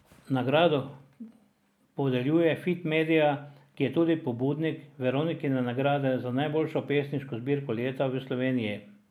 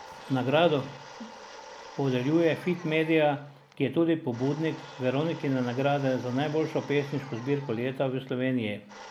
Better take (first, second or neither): first